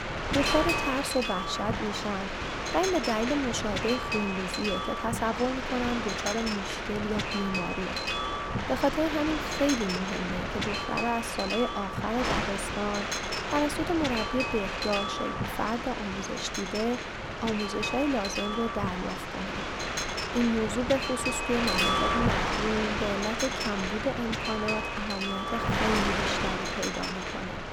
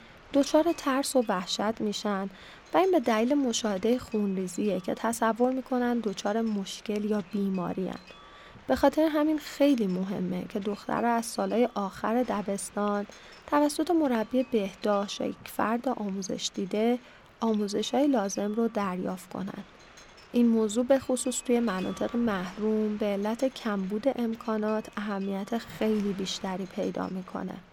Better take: second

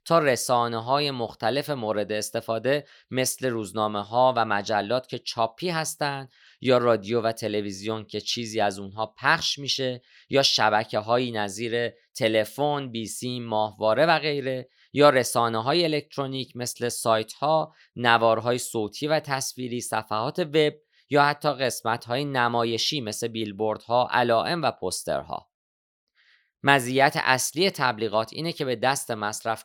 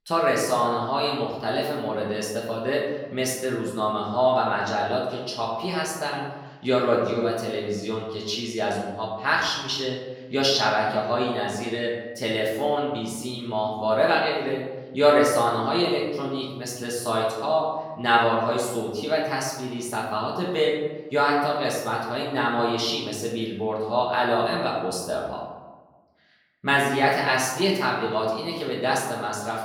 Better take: first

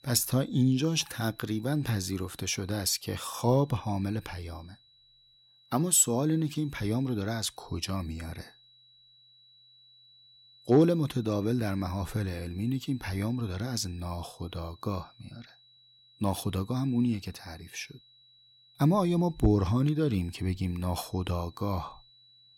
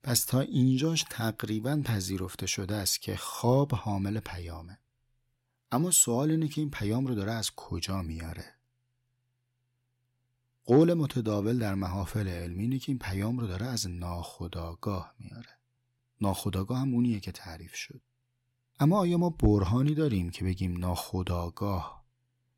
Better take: second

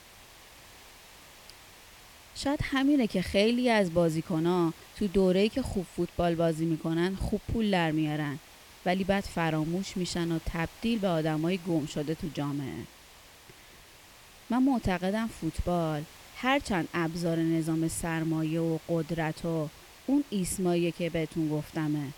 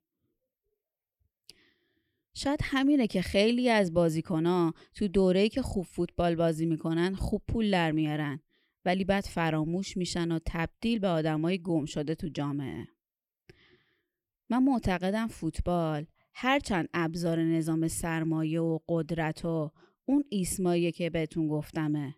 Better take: second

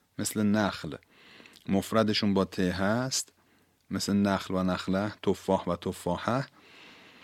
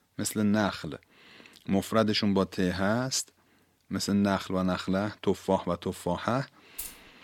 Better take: first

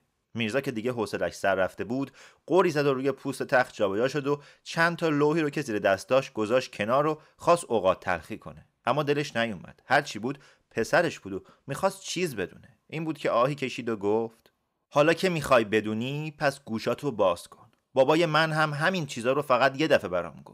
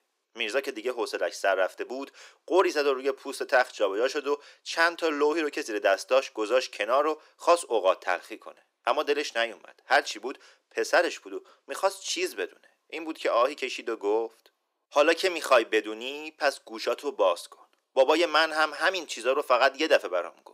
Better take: first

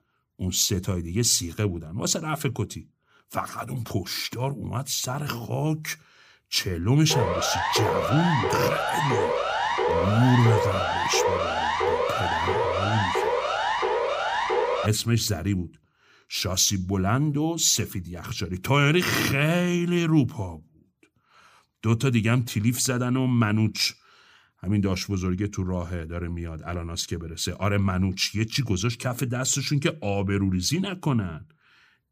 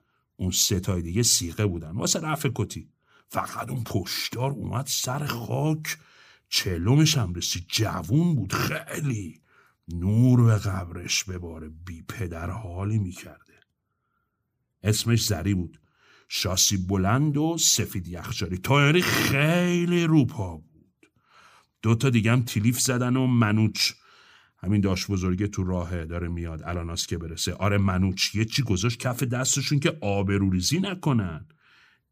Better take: second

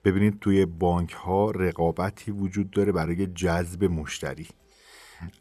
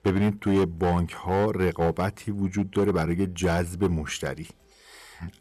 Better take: first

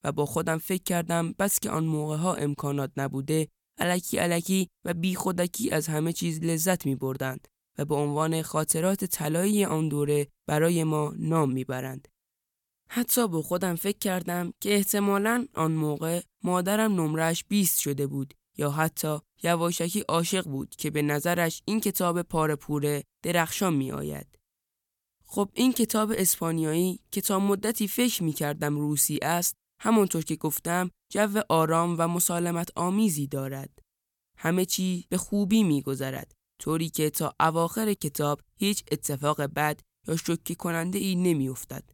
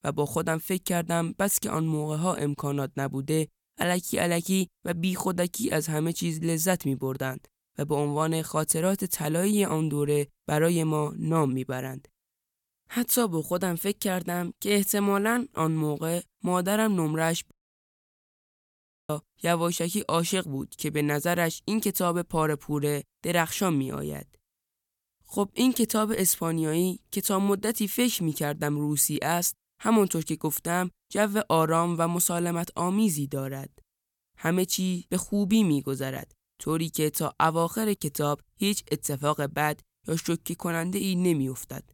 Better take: first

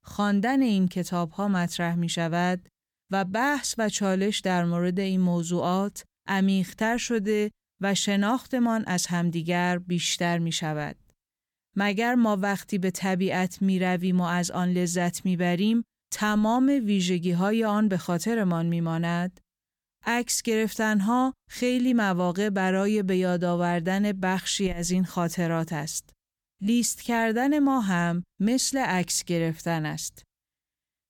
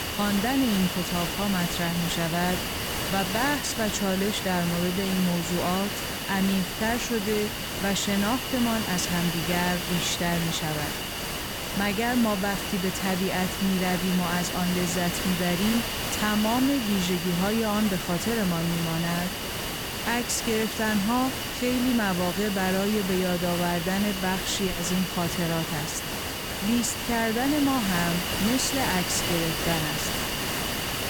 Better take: first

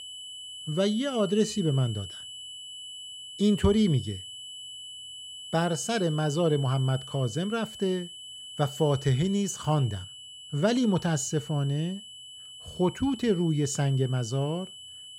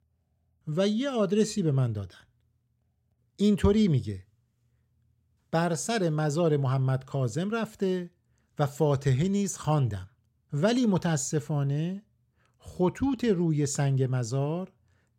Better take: second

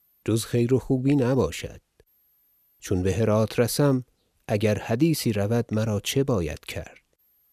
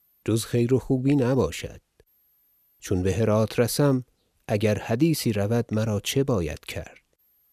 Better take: neither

